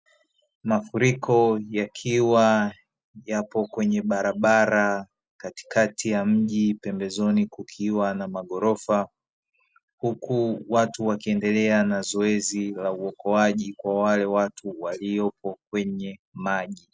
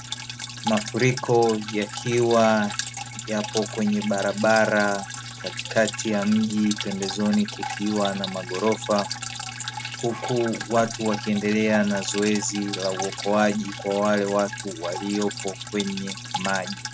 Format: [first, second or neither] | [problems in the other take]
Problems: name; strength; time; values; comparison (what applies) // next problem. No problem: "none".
first | background sound (Drip); 9 dB below the speech